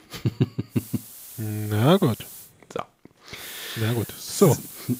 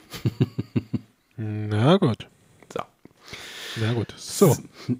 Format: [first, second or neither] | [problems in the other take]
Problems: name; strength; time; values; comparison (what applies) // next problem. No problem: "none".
second | hiss; noticeable; from 1 to 2.5 s and from 3.5 s on; 15 dB below the speech